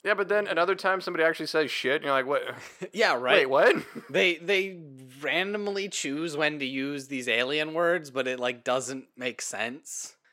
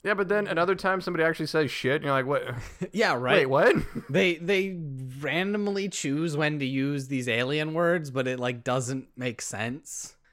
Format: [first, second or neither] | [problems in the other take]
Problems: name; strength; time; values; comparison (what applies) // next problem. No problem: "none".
second | thin; somewhat; fading below 300 Hz